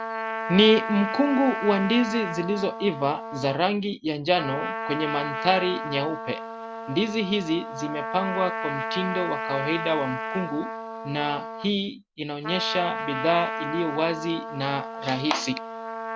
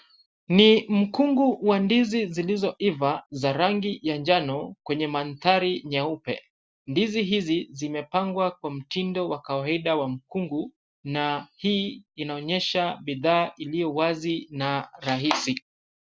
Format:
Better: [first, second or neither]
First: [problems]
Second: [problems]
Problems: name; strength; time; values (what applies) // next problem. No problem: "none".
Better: second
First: background sound (Trumpet); 6 dB below the speech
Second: none